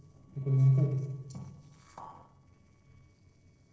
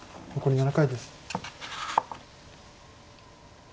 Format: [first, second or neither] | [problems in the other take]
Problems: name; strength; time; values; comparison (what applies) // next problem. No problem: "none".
second | noise reduction (neural separator model SepFormer DNS4)